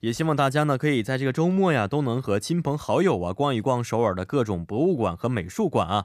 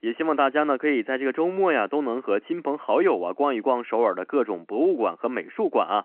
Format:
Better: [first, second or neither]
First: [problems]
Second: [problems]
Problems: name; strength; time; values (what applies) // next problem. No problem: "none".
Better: first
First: none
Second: phone-call audio